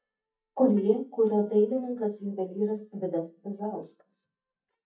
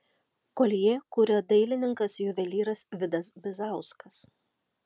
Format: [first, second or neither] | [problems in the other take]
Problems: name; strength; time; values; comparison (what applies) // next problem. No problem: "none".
second | noise reduction (neural mask model DeepFilterNet 3)